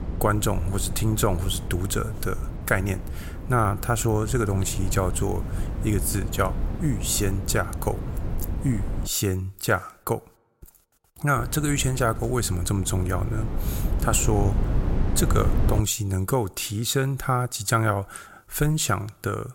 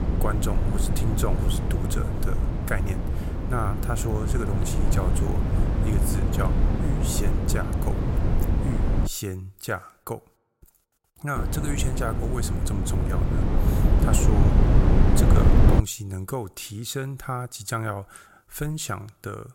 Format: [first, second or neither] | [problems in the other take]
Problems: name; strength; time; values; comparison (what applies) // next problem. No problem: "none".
first | wind noise on the microphone; heavy; until 9 s and from 11 to 16 s; as loud as the speech; occasional gusts in the first